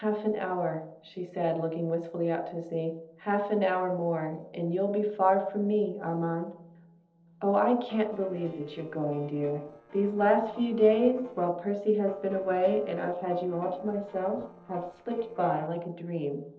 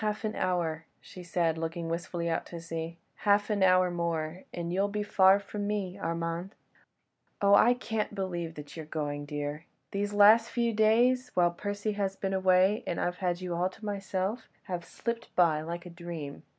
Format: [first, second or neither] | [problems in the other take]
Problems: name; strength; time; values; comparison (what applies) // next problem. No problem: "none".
second | noise reduction (neural separator model SepFormer DNS4)